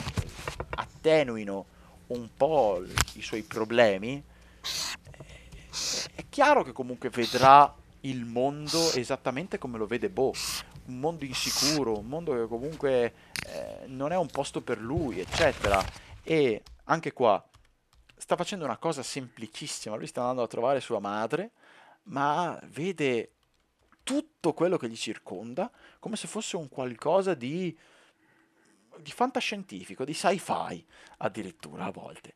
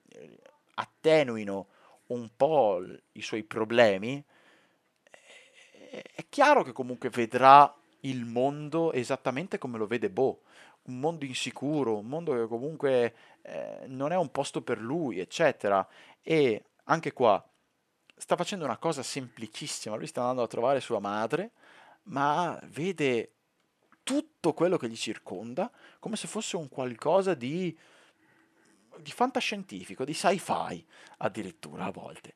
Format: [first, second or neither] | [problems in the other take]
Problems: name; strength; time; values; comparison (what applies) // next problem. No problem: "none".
second | household noises; loud; throughout; 4 dB below the speech